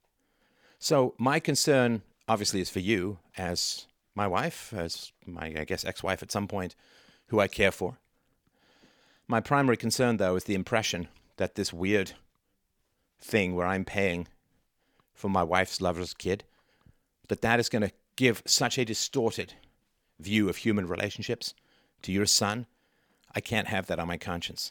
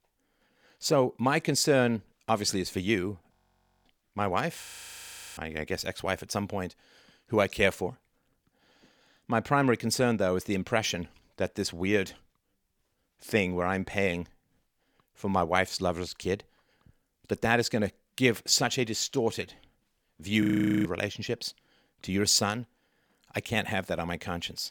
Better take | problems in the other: first | audio freezing; at 3.5 s for 0.5 s, at 4.5 s for 0.5 s and at 20 s

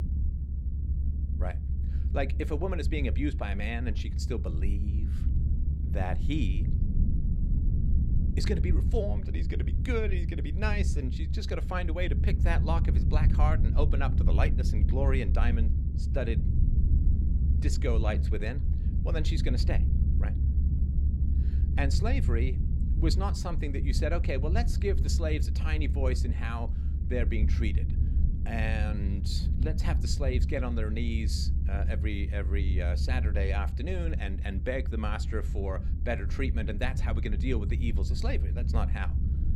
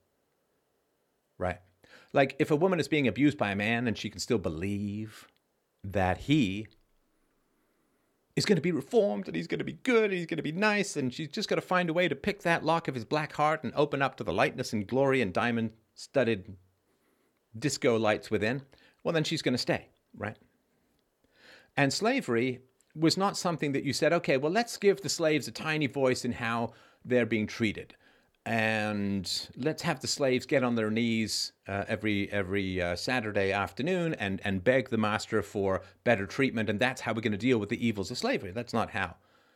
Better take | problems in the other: second | low rumble; loud; throughout; 8 dB below the speech

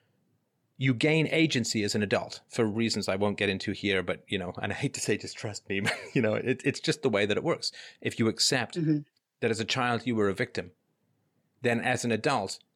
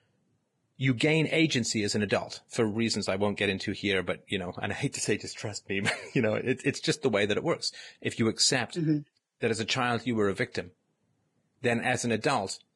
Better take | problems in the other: first | garbled, watery; badly; nothing above 10 kHz

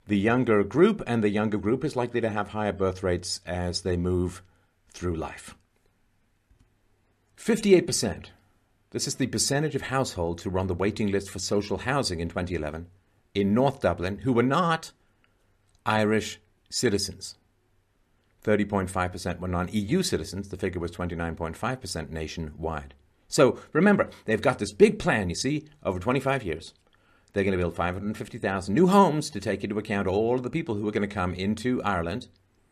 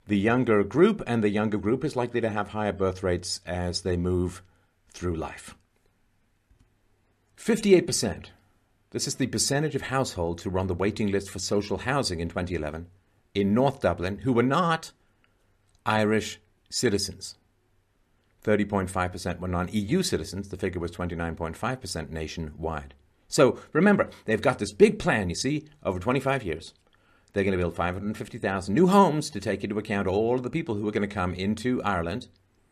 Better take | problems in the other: neither | none

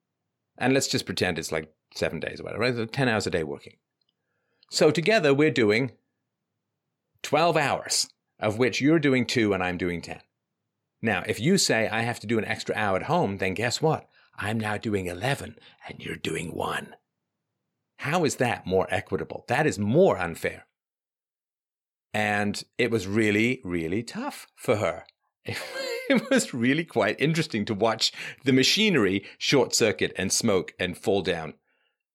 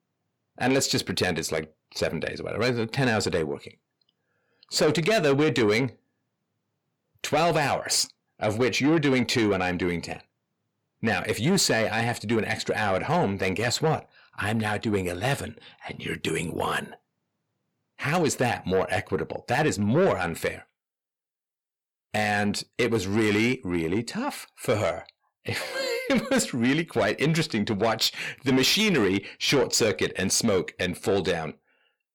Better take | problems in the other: first | distortion; slight; 10 dB below the speech

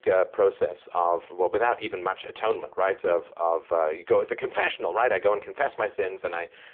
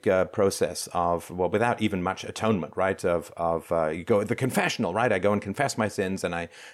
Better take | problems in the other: second | phone-call audio; poor line

